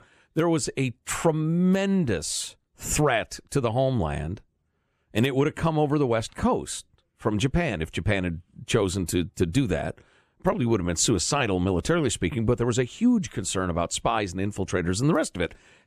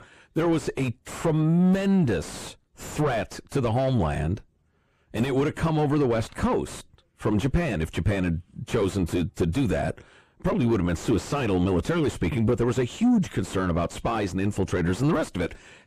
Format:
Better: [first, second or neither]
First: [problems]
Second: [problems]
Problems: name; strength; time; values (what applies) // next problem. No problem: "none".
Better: first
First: none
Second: distortion; heavy; 5 dB below the speech